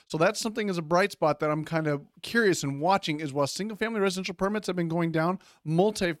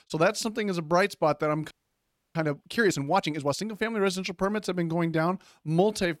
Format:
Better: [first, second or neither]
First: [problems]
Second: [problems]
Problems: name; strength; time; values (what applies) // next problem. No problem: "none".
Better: first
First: none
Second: audio freezing; at 1.5 s for 0.5 s